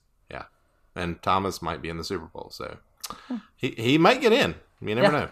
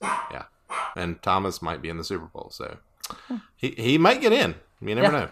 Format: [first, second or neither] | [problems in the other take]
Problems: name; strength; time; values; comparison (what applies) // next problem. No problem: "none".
first | dog barking; noticeable; at the start; peak 5 dB below the speech